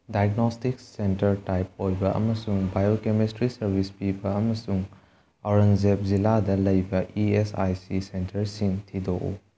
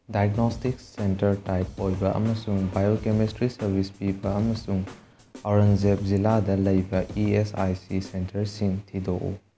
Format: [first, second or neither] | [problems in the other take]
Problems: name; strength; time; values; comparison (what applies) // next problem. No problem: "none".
first | background sound (Snare drum / Drum kit); 16 dB below the speech